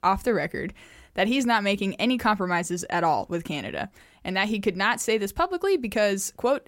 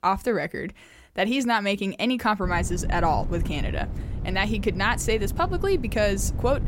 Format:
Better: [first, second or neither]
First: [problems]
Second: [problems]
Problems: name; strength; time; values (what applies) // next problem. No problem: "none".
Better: first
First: none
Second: wind noise on the microphone; occasional gusts; from 2.5 s on; 20 dB below the speech